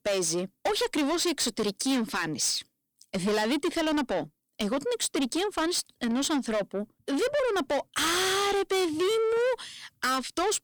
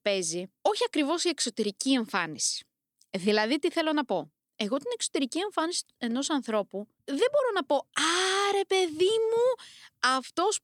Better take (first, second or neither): second